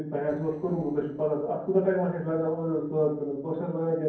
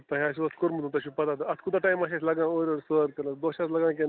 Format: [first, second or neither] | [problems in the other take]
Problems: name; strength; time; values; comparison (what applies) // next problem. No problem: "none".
second | noise reduction (neural separator model SepFormer DNS4)